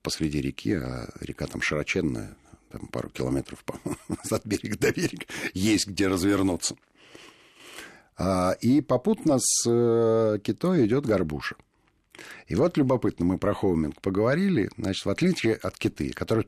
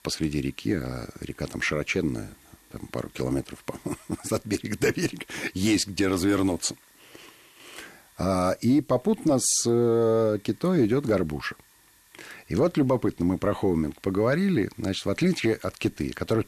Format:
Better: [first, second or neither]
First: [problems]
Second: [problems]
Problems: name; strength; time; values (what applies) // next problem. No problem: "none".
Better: first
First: none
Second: hiss; faint; throughout; 30 dB below the speech